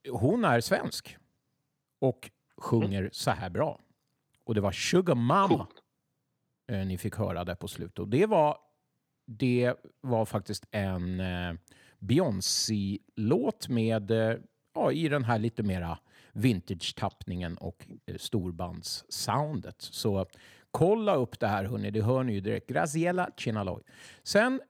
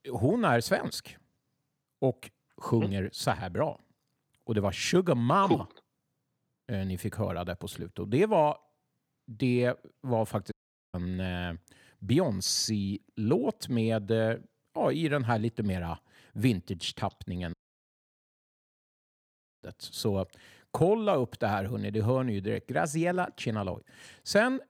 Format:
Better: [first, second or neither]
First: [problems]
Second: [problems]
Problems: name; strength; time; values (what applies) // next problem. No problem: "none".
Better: first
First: none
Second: audio cutting out; at 11 s and at 18 s for 2 s